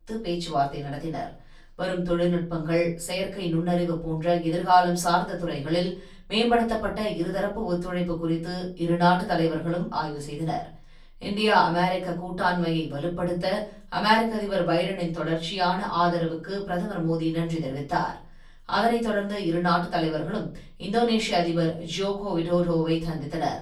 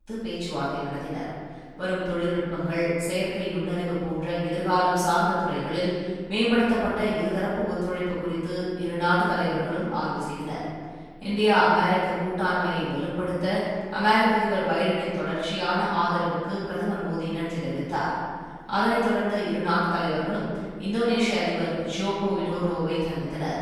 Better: first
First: room echo; slight; dies away in 0.4 s // off-mic speech; far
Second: room echo; strong; dies away in 1.7 s // off-mic speech; far

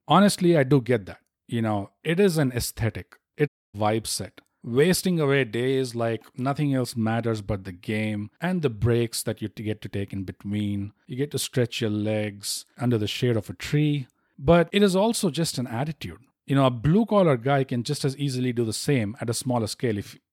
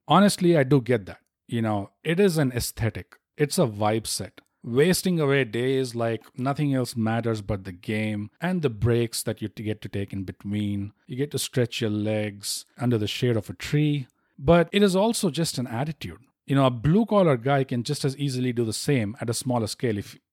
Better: second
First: audio cutting out; at 3.5 s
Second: none

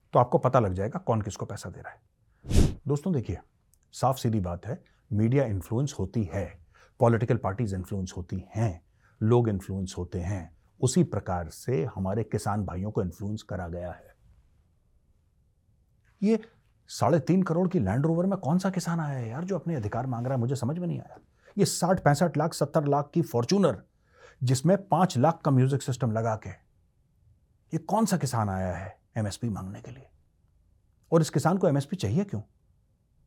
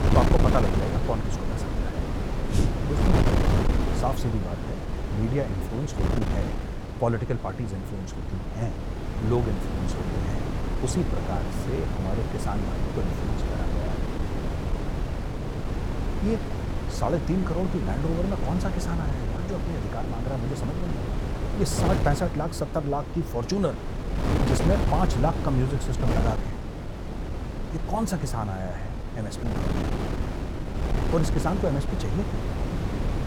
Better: first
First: none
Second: wind noise on the microphone; heavy; 2 dB below the speech

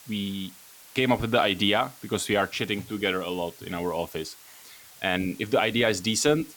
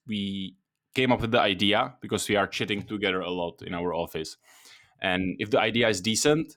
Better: second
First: hiss; faint; throughout; 20 dB below the speech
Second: none

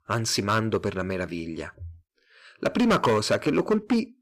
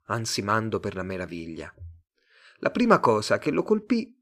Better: second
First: distortion; heavy; 6% of the sound clipped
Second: none

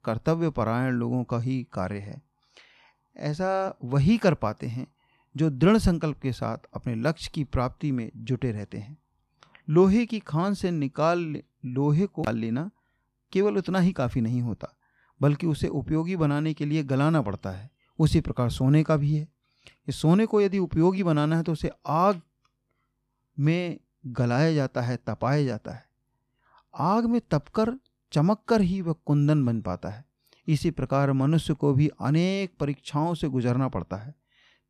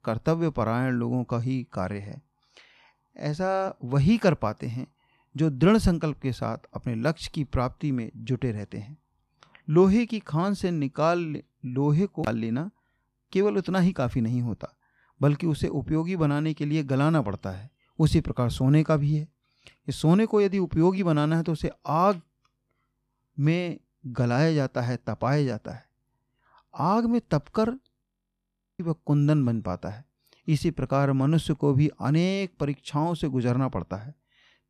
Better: first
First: none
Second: audio freezing; at 28 s for 1 s

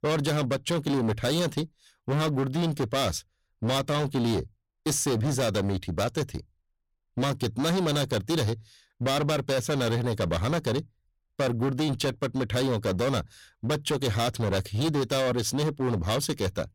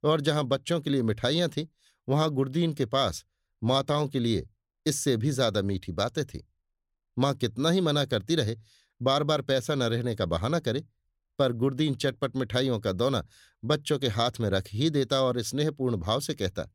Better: second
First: distortion; heavy; 23% of the sound clipped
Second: none

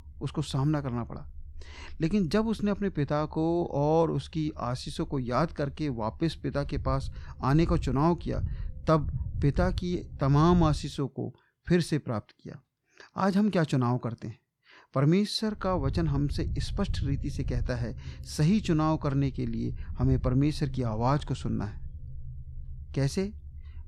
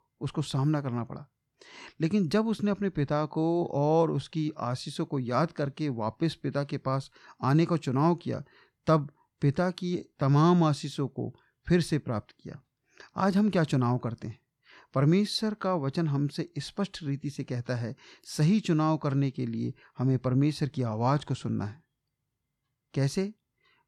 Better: second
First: low rumble; faint; until 11 s and from 16 s on; 20 dB below the speech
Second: none

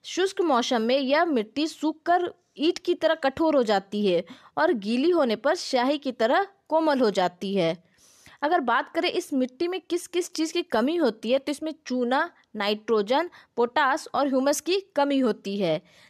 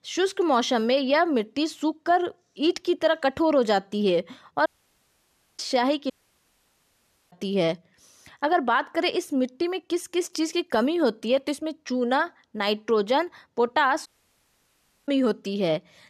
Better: first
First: none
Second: audio cutting out; at 4.5 s for 1 s, at 6 s for 1 s and at 14 s for 1 s

